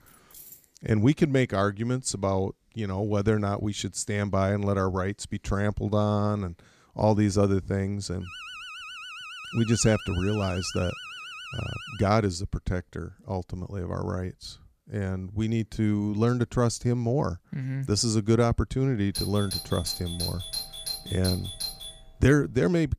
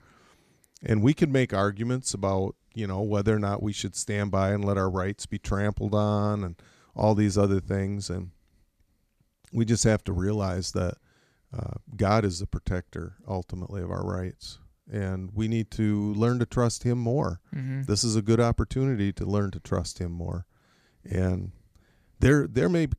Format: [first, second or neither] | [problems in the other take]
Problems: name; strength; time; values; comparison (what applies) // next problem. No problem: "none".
second | jangling keys; faint; at the start; peak 20 dB below the speech // alarm; faint; from 8 to 12 s; peak 10 dB below the speech // doorbell; noticeable; from 19 to 22 s; peak 4 dB below the speech